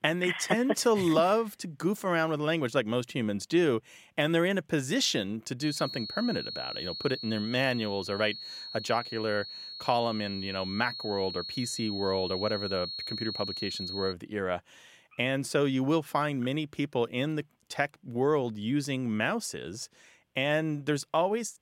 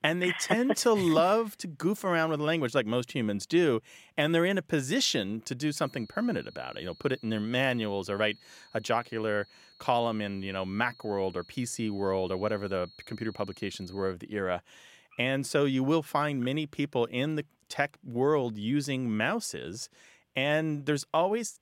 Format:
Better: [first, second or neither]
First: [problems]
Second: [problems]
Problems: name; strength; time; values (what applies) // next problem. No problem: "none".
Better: second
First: high-pitched whine; loud; from 5.5 to 14 s; 4.5 kHz, 7 dB below the speech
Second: high-pitched whine; faint; from 5.5 to 14 s; 4.5 kHz, 25 dB below the speech